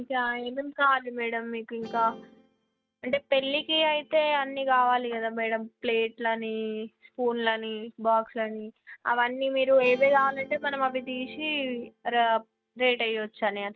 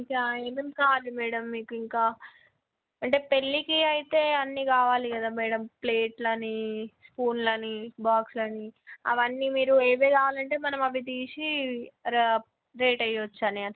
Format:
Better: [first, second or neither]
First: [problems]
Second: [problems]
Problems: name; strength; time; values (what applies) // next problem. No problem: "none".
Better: second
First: noise reduction (neural mask model RNNoise)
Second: none